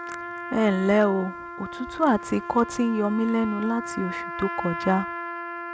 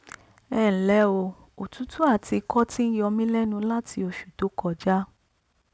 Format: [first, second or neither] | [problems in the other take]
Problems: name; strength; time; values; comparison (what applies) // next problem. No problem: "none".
second | background sound (Trumpet); 9 dB below the speech